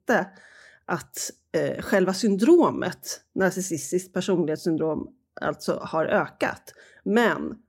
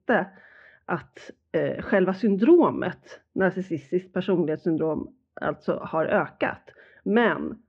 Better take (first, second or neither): first